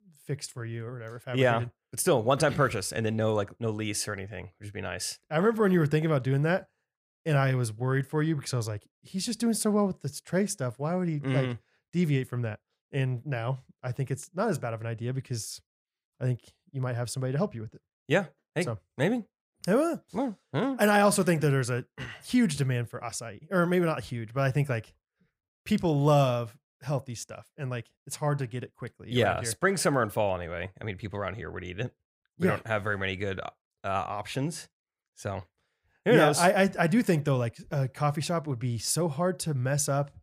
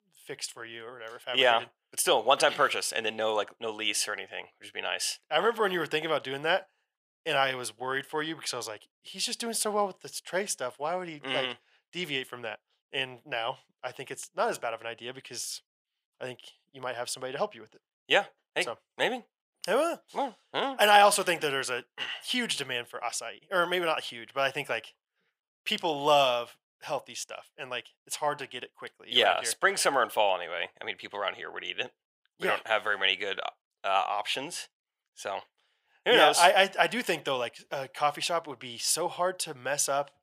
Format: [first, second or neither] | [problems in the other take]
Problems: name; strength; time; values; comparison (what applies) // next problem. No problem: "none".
first | thin; very; fading below 500 Hz